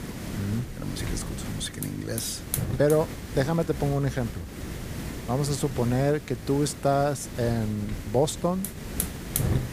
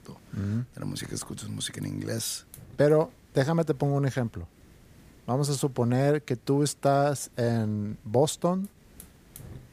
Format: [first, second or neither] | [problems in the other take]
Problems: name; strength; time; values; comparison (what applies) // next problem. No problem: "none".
second | hiss; loud; throughout; 7 dB below the speech; faint in the second